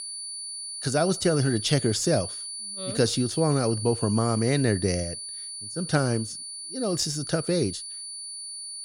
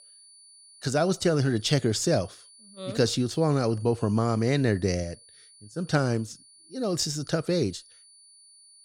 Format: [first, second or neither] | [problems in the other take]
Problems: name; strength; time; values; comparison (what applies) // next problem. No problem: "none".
second | high-pitched whine; loud; throughout; 9.5 kHz, 8 dB below the speech; faint in the second